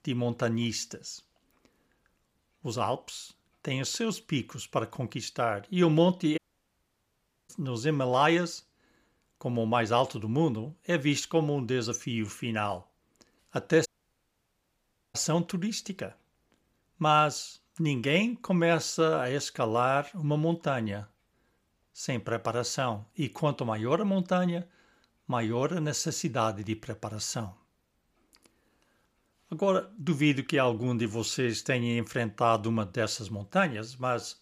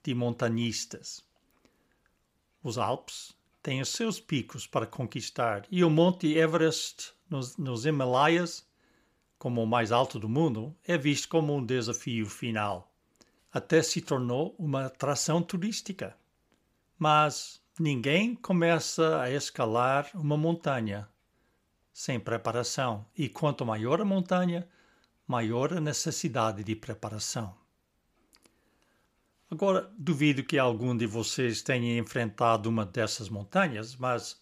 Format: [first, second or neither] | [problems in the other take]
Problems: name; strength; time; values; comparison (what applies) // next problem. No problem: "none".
second | audio cutting out; at 6.5 s for 1 s and at 14 s for 1.5 s